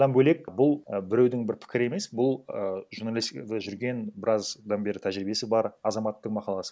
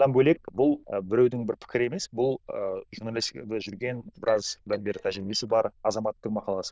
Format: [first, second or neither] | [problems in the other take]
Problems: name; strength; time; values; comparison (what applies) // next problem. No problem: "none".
first | noise reduction (neural diffusion model UNIVERSE++)